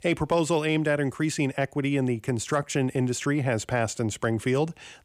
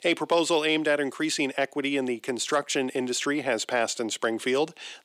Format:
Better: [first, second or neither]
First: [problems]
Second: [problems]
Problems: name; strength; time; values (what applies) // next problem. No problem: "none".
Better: first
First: none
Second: thin; very slightly; fading below 300 Hz